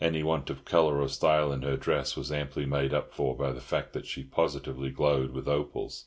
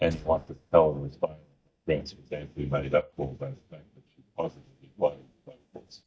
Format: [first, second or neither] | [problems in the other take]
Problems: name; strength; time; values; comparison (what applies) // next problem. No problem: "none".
first | noise reduction (neural mask model DeepFilterNet 3)